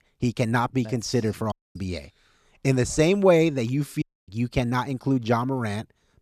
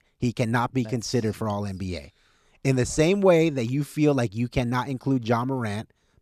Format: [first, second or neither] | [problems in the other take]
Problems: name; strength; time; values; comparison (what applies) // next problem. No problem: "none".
second | audio cutting out; at 1.5 s and at 4 s